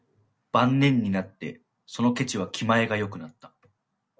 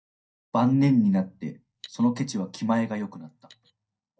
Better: first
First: none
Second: noise reduction (neural mask model DeepFilterNet 3)

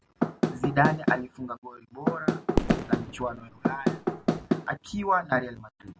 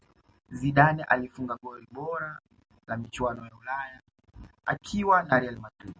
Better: second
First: background sound (Knock / Wood + Fireworks); 3 dB above the speech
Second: none

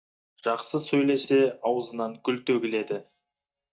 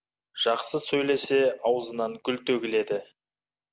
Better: second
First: noise reduction (neural mask model DeepFilterNet 3)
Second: none

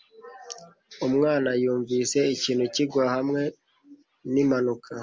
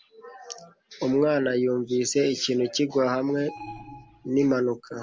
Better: first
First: none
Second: background sound (Alarm); 18 dB below the speech

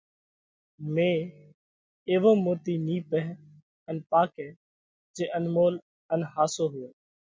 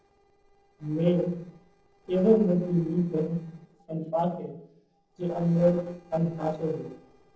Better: first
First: none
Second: noise reduction (neural separator model SepFormer DNS4)

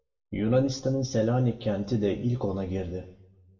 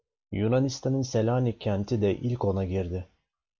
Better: second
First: room echo; dies away in 0.6 s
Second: none

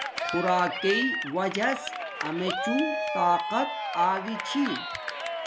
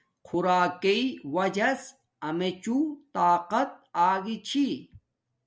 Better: second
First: background sound (Cheering); 4 dB below the speech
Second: none

